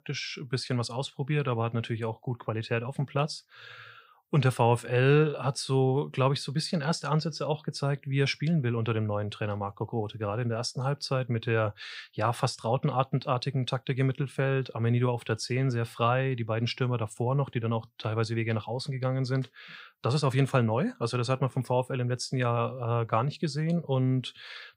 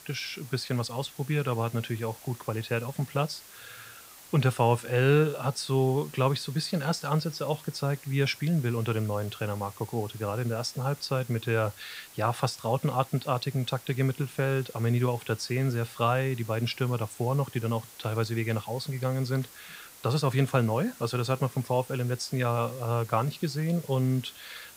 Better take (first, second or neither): first